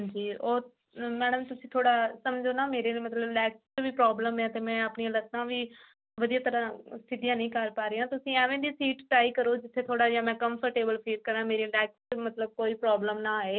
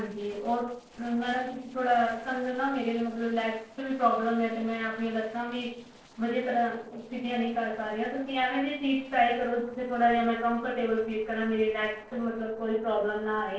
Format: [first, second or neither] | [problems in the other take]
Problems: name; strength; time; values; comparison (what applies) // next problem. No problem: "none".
first | noise reduction (neural separator model SepFormer DNS4)